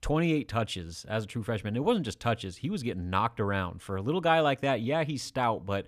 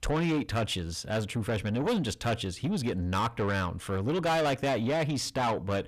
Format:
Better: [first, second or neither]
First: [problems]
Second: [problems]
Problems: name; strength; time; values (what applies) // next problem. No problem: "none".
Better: first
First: none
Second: distortion; heavy; 8 dB below the speech